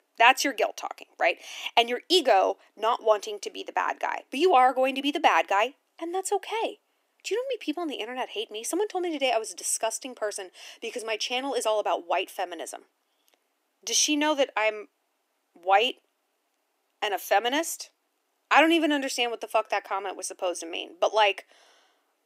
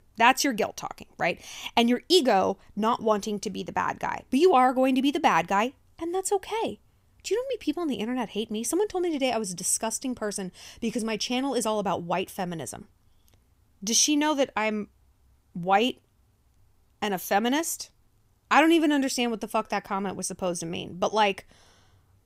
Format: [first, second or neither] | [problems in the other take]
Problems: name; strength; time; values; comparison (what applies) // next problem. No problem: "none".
second | thin; somewhat; fading below 300 Hz